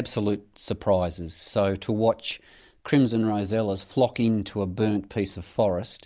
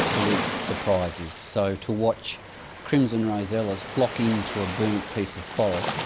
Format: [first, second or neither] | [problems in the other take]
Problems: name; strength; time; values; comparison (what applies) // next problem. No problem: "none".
first | background sound (Waves, surf); 6 dB below the speech